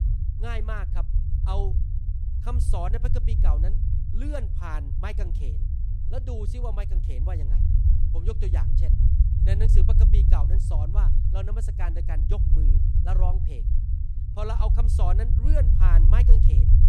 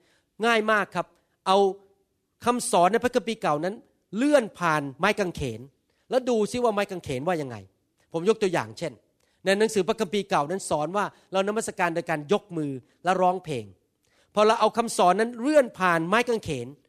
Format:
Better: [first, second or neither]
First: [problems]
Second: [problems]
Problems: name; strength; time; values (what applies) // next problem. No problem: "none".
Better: second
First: low rumble; loud; throughout; 4 dB below the speech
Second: none